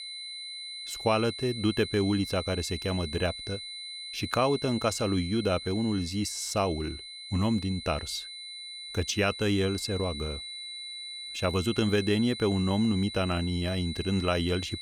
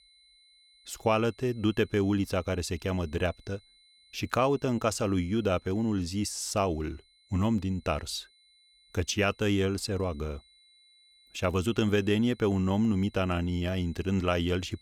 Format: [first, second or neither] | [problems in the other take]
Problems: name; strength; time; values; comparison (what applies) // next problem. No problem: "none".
second | high-pitched whine; loud; throughout; 4 kHz, 9 dB below the speech; faint in the second